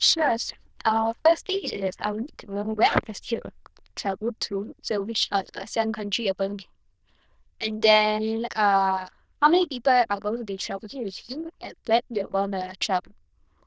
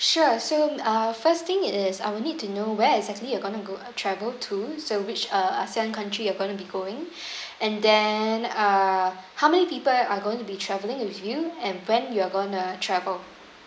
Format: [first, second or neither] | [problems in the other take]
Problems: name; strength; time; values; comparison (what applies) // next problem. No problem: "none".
second | noise reduction (neural diffusion model UNIVERSE++)